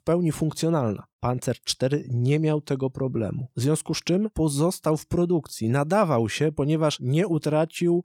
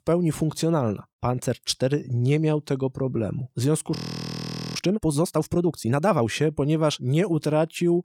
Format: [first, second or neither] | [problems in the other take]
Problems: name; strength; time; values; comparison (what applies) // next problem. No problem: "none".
first | audio freezing; at 4 s for 1 s